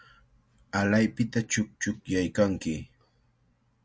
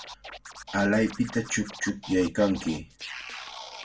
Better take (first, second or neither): first